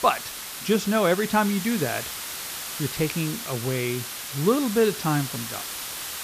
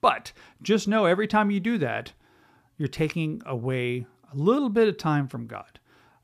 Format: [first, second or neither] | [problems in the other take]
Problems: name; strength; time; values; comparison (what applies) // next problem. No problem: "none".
second | hiss; loud; throughout; 7 dB below the speech